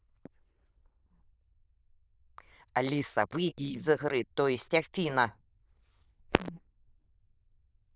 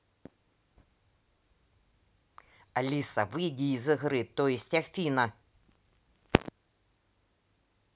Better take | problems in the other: second | noise reduction (neural diffusion model UNIVERSE++)

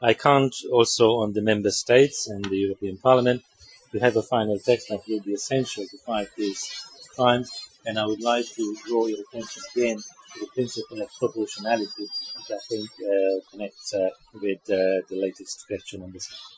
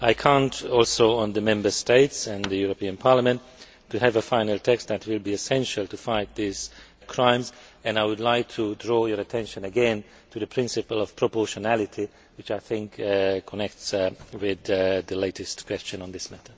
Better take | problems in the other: second | noise reduction (classical method Wiener filter)

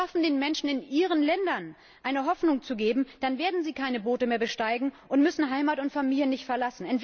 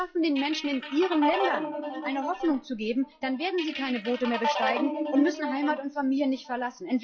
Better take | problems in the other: first | noise reduction (classical method WPE with log-MMSE)

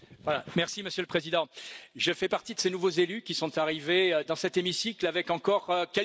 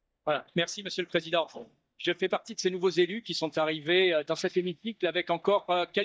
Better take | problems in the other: first | noise reduction (neural mask model DeepFilterNet 3)

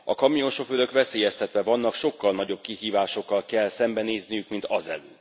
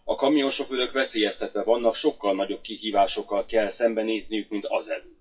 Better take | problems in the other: first | noise reduction (classical method WPE with log-MMSE)

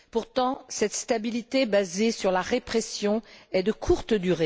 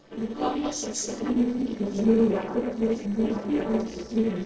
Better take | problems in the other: first | noise reduction (neural separator model SepFormer DNS4)

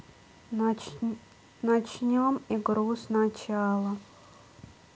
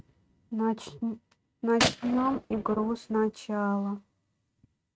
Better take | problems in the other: first | noise reduction (neural mask model RNNoise)

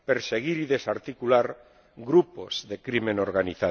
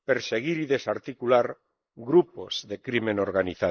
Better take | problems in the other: first | noise reduction (neural mask model Resemble Enhance denoiser)

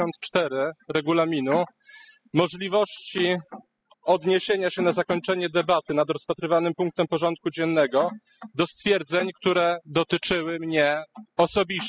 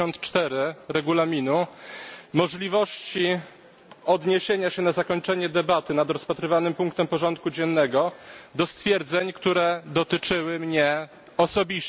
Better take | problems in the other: second | noise reduction (classical method spectral subtraction)

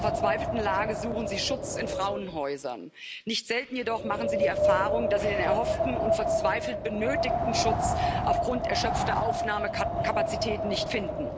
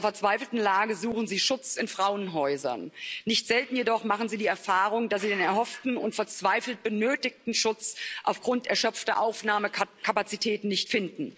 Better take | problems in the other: second | background sound (Wind); 3 dB above the speech

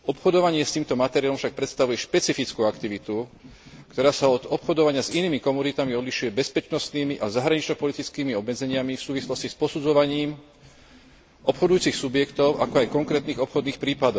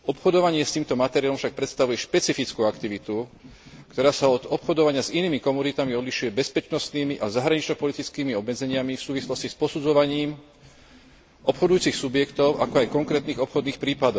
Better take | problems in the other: second | background sound (Hi-hat); 19 dB below the speech

